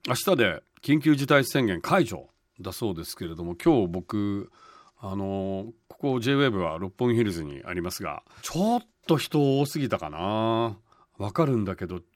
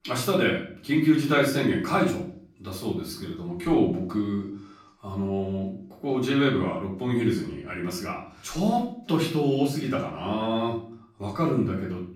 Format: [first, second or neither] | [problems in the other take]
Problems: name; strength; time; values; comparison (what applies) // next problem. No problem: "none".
first | off-mic speech; far // room echo; slight; dies away in 0.4 s